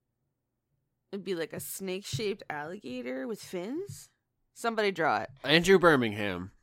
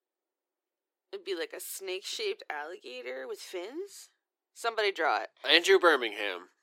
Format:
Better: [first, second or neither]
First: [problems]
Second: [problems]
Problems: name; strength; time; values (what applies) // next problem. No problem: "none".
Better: first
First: none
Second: thin; very; fading below 350 Hz